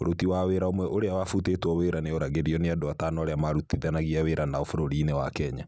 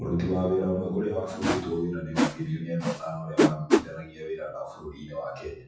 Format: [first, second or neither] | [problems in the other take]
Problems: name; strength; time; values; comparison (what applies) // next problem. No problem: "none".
first | noise reduction (classical method WPE with log-MMSE)